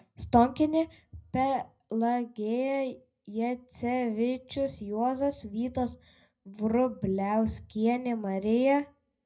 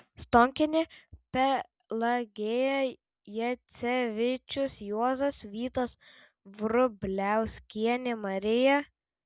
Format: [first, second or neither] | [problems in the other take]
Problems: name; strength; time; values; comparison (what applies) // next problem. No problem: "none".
second | room echo; dies away in 0.3 s